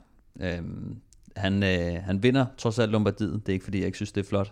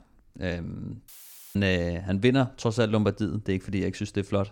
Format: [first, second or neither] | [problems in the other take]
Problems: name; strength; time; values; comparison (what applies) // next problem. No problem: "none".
first | audio cutting out; filled with static; at 1 s